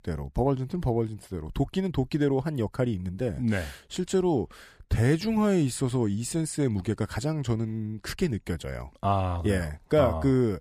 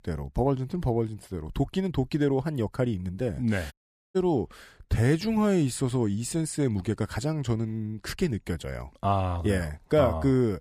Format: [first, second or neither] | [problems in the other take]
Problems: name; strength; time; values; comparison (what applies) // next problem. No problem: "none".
first | audio cutting out; at 3.5 s